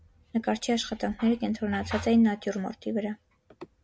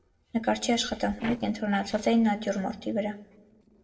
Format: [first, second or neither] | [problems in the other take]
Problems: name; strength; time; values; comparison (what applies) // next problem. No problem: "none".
first | noise reduction (neural separator model SepFormer DNS4)